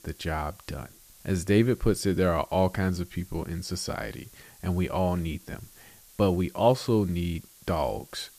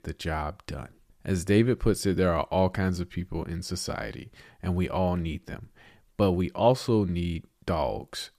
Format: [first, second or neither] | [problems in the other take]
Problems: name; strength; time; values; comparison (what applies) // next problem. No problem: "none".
second | hiss; faint; throughout; 25 dB below the speech